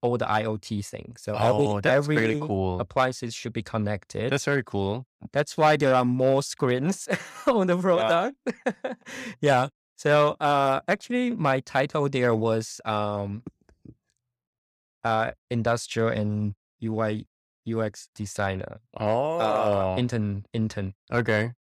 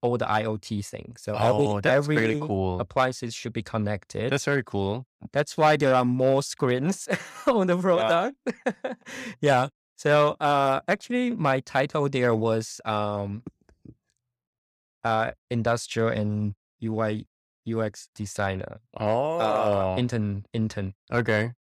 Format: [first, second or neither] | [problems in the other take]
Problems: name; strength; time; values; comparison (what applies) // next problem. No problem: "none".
neither | none